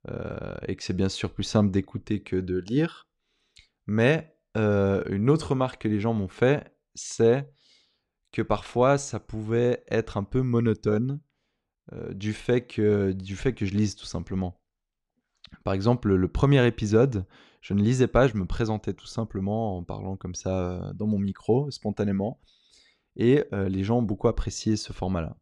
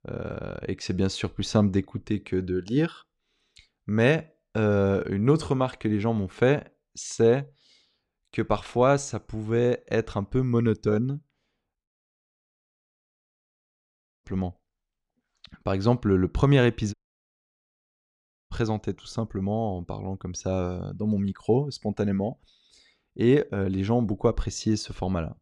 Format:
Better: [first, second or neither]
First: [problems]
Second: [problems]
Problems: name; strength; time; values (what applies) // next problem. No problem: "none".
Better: first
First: none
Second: audio cutting out; at 12 s for 2.5 s and at 17 s for 1.5 s